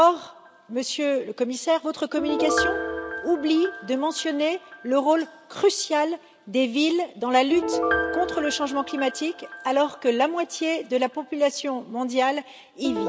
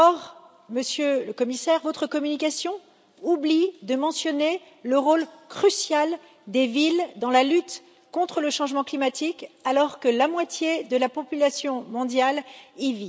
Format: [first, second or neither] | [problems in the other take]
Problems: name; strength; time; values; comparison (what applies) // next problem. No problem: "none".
second | background sound (Piano); 8 dB below the speech